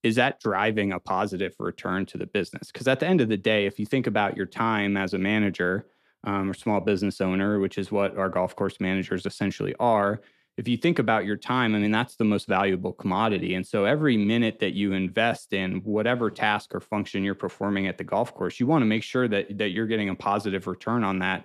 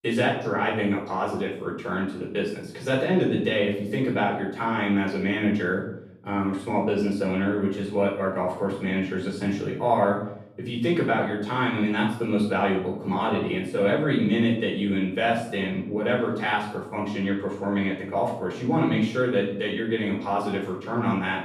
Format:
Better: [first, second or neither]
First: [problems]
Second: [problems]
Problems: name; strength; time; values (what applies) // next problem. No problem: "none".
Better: first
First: none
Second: off-mic speech; far // room echo; noticeable; dies away in 0.6 s